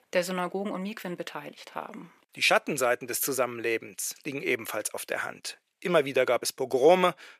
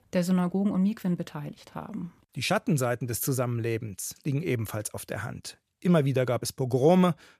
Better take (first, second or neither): second